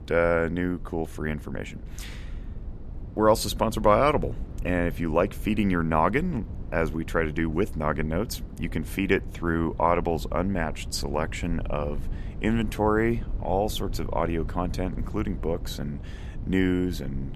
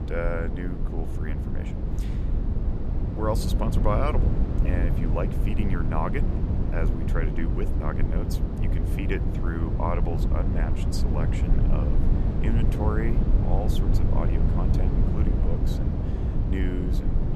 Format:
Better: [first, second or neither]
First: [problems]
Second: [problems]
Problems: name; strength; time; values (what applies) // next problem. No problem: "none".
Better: first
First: low rumble; faint; throughout; 20 dB below the speech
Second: low rumble; loud; throughout; 3 dB below the speech